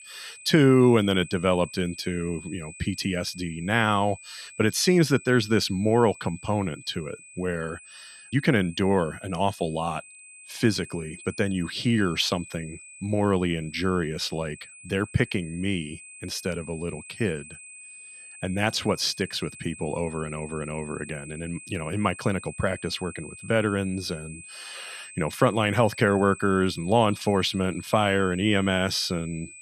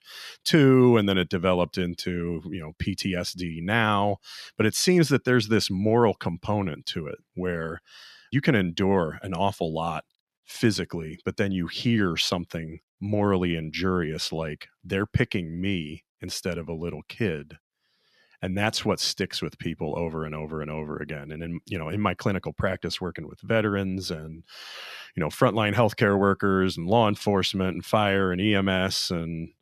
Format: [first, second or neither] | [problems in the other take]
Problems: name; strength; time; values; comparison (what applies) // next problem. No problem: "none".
second | high-pitched whine; noticeable; throughout; 2.5 kHz, 15 dB below the speech